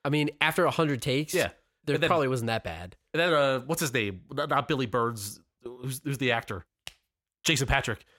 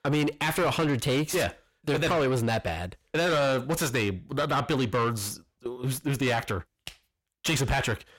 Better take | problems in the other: first | distortion; heavy; 7 dB below the speech

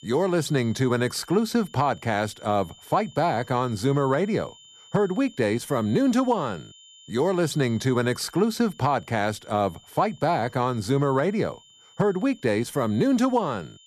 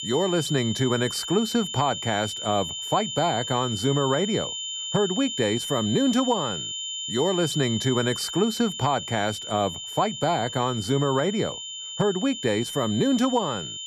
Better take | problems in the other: first | high-pitched whine; loud; throughout; 3 kHz, 6 dB below the speech; faint in the first

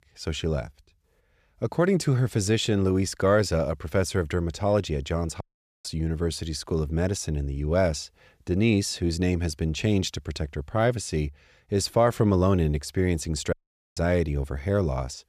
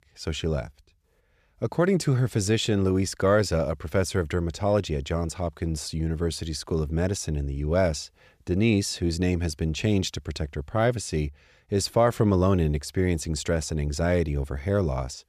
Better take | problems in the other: second | audio cutting out; at 5.5 s and at 14 s

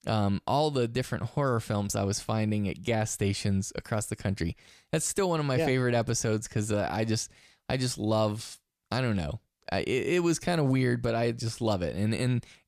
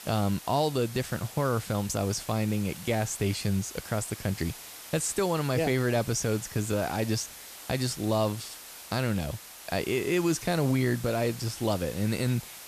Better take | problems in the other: first | hiss; noticeable; throughout; 15 dB below the speech

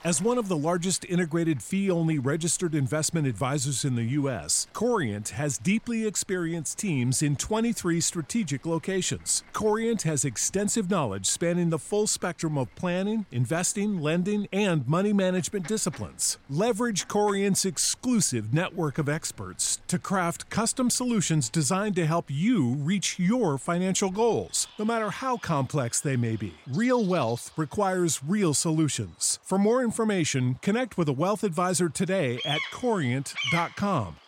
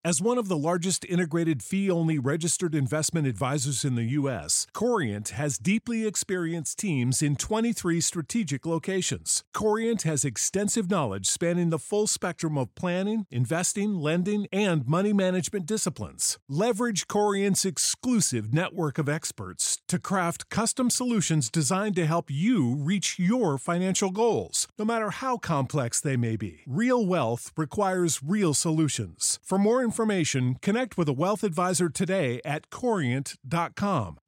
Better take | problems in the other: second | animal sounds; noticeable; throughout; 10 dB below the speech

